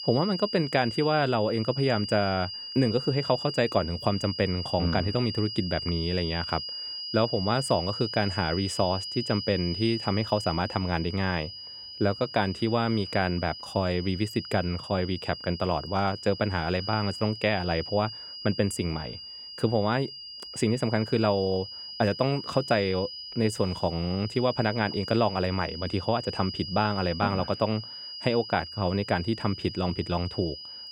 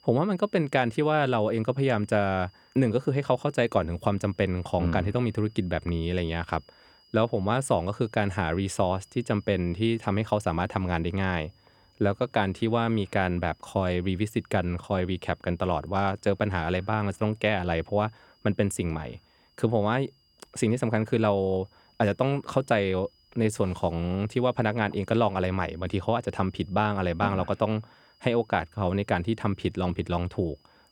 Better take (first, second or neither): second